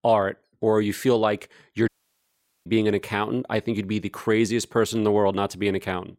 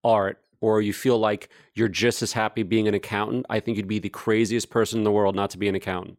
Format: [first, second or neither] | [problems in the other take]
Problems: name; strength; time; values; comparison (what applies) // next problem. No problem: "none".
second | audio cutting out; at 2 s for 1 s